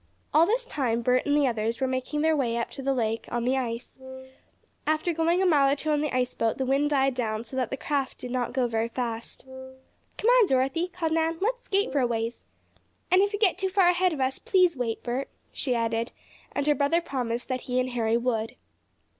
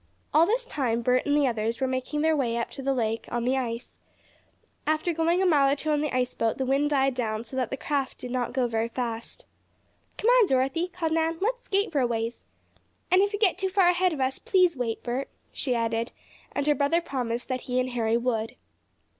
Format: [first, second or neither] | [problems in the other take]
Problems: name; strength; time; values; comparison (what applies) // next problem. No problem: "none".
second | background sound (Wind instrument, woodwind instrument); 14 dB below the speech